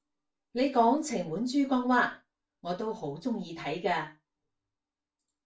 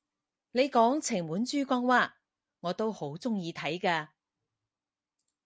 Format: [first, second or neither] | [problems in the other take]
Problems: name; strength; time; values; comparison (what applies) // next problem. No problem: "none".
second | room echo; dies away in 0.3 s